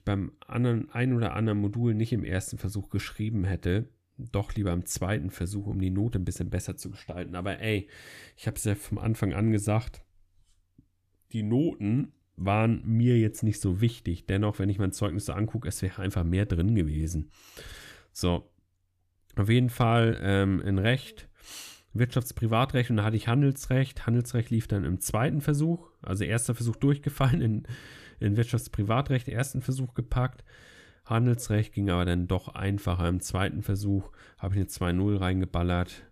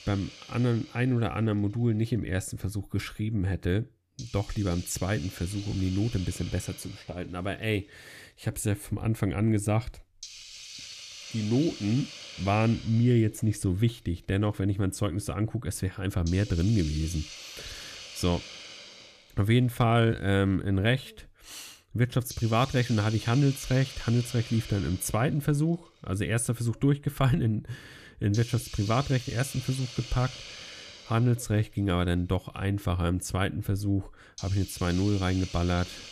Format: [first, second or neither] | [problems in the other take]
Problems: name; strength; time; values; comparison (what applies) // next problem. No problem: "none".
first | hiss; noticeable; throughout; 15 dB below the speech